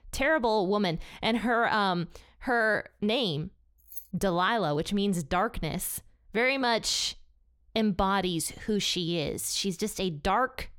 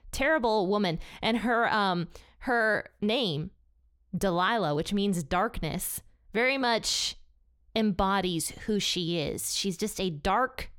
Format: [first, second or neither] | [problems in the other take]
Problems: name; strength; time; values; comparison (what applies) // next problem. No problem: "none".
second | jangling keys; faint; at 4 s; peak 15 dB below the speech